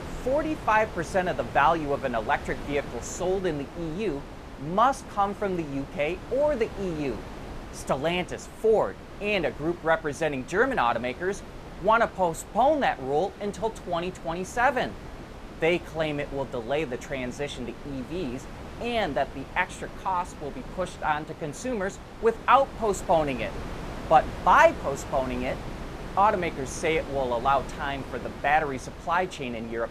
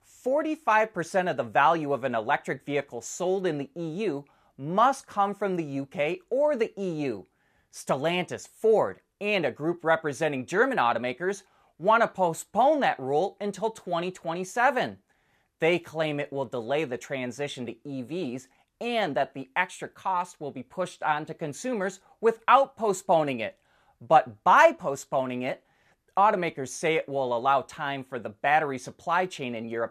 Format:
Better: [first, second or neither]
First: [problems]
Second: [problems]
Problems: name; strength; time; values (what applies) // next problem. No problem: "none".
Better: second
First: wind noise on the microphone; occasional gusts; 15 dB below the speech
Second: none